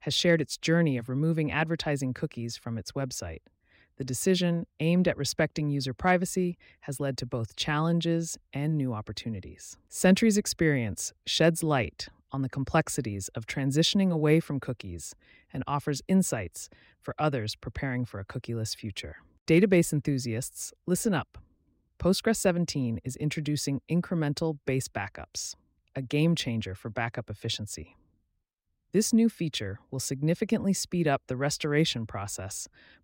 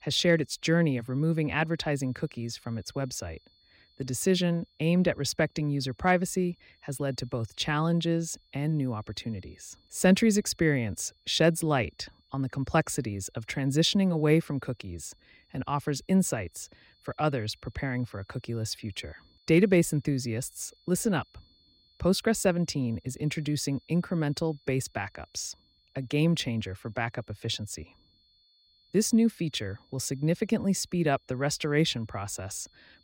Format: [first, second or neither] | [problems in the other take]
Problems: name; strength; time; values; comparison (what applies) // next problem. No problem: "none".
first | high-pitched whine; faint; throughout; 4.5 kHz, 35 dB below the speech